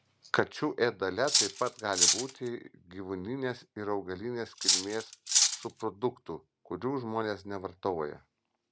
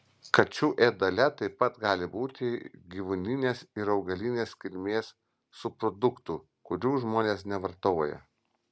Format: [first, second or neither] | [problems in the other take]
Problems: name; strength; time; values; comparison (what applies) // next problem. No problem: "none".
second | background sound (Cutlery, silverware); 5 dB above the speech